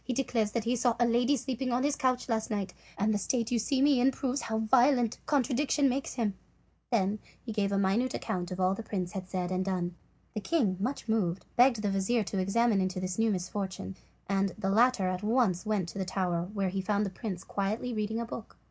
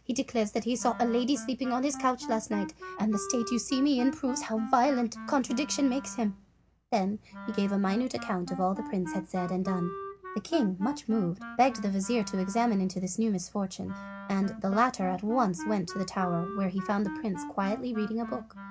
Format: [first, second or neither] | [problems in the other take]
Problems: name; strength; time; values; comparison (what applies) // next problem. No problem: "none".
first | background sound (Wind instrument, woodwind instrument); 12 dB below the speech